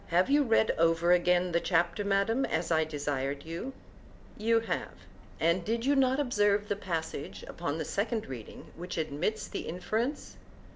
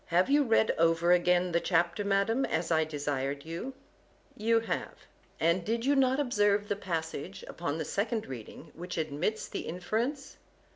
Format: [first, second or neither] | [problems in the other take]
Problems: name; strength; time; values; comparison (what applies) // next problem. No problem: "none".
second | background sound (Subway, metro, underground); 18 dB below the speech